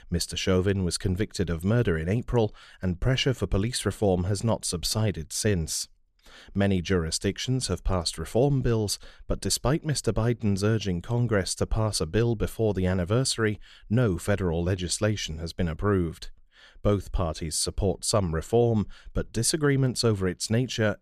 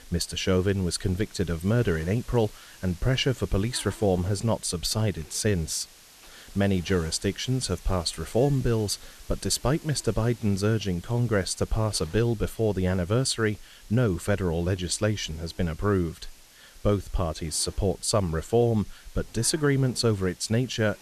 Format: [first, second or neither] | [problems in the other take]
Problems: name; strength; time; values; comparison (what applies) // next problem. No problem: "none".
first | hiss; faint; throughout; 20 dB below the speech